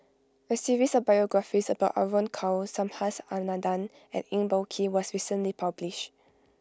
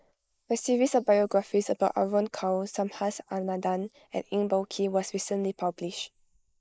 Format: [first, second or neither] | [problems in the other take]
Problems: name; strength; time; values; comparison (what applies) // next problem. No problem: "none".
first | noise reduction (neural mask model Resemble Enhance denoiser)